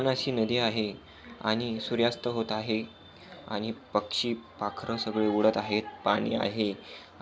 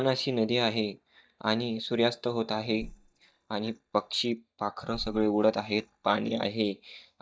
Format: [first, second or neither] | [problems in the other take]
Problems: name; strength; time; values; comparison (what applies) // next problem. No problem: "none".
first | noise reduction (neural mask model DeepFilterNet 3)